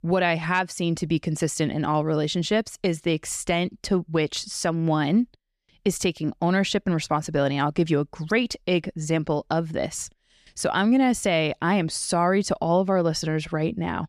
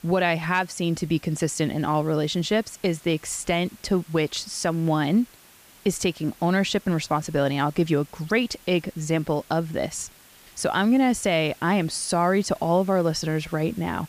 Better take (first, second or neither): first